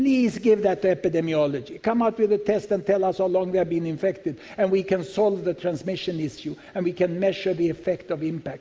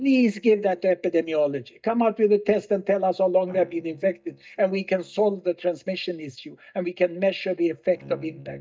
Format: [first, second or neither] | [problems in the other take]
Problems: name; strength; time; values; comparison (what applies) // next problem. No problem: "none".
first | noise reduction (neural mask model DeepFilterNet 3)